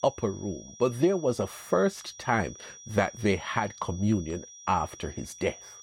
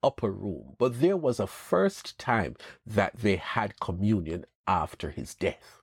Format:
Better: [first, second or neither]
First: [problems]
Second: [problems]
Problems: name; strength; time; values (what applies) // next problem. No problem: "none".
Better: second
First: high-pitched whine; noticeable; throughout; 6 kHz, 15 dB below the speech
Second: none